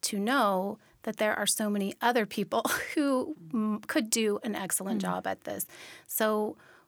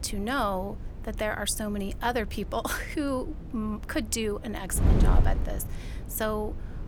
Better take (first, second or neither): first